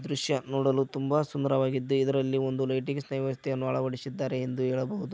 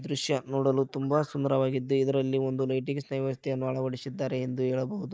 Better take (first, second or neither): first